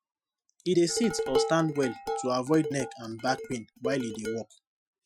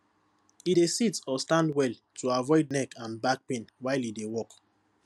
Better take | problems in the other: second | noise reduction (classical method Wiener filter)

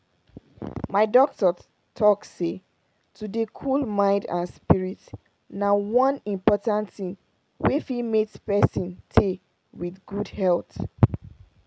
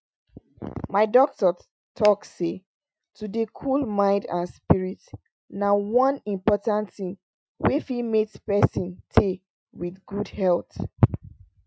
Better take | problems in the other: first | noise reduction (classical method Wiener filter)

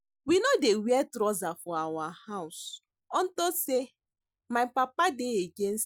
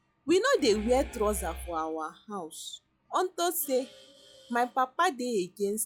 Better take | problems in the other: first | noise reduction (classical method log-MMSE)

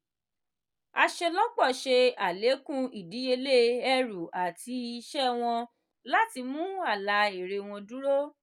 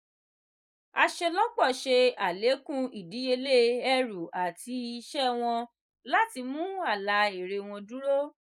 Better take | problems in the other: first | noise reduction (neural mask model Resemble Enhance denoiser)

